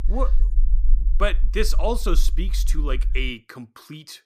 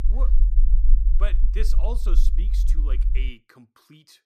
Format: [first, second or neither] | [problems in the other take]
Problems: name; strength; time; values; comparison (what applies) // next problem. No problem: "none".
first | low rumble; loud; until 3.5 s; 9 dB below the speech; faint in the first